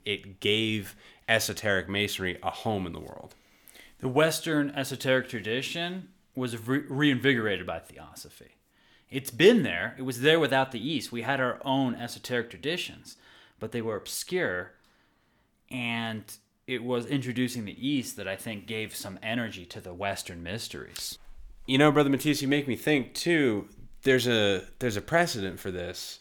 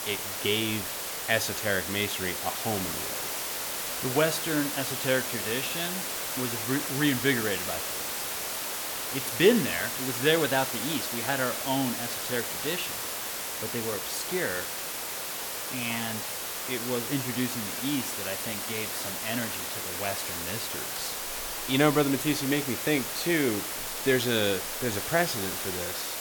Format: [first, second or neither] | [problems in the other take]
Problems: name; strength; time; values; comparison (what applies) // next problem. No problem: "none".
first | hiss; loud; throughout; 2 dB below the speech